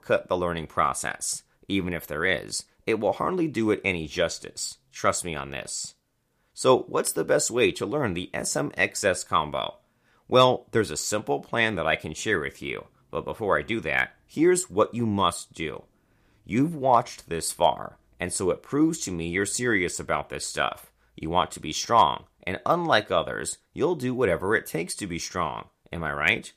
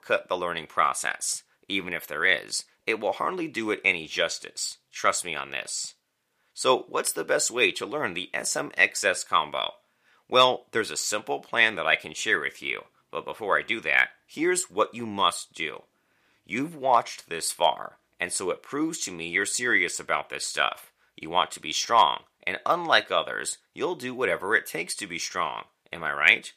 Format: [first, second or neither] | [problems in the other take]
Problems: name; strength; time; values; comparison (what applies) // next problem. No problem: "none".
first | thin; somewhat; fading below 1 kHz